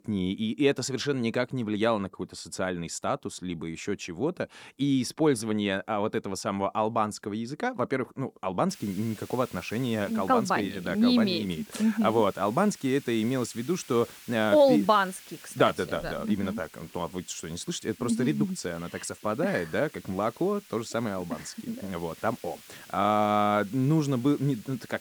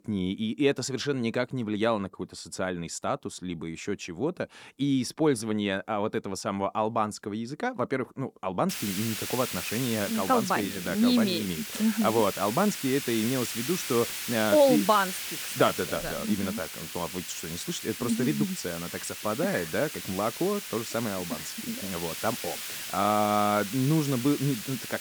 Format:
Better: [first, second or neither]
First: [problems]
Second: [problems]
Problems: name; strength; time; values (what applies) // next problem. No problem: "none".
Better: first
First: hiss; faint; from 8.5 s on; 20 dB below the speech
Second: hiss; loud; from 8.5 s on; 6 dB below the speech